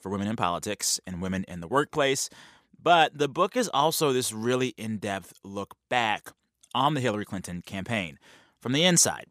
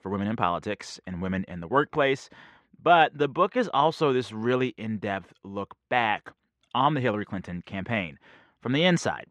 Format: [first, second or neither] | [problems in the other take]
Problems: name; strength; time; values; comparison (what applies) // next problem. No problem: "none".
first | muffled; very; fading above 2 kHz